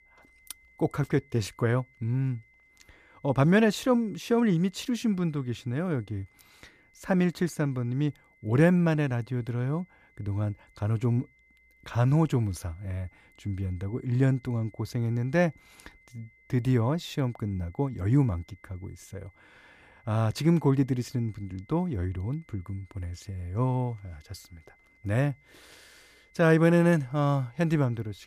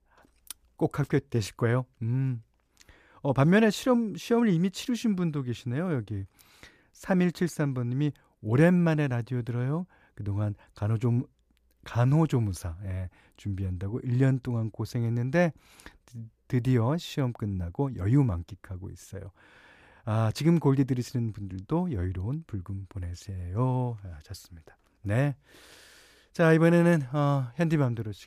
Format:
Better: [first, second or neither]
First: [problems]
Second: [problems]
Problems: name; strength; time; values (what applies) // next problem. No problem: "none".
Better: second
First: high-pitched whine; faint; throughout; 2 kHz, 35 dB below the speech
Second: none